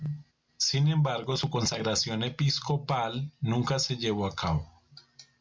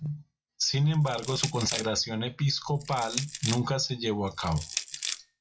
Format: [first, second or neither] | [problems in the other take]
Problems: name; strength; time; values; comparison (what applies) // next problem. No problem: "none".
first | noise reduction (classical method log-MMSE)